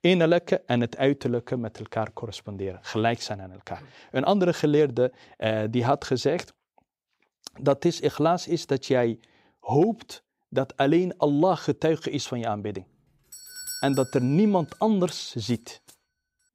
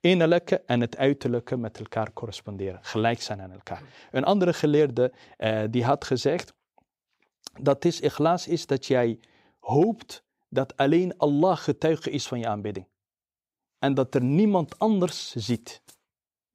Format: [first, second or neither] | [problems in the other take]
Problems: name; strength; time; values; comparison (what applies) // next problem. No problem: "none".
second | doorbell; noticeable; at 13 s; peak 9 dB below the speech